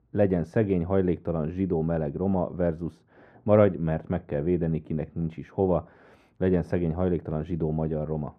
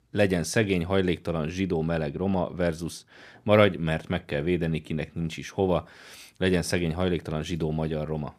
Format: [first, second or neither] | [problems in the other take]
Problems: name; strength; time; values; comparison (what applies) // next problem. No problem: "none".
second | muffled; very; fading above 2 kHz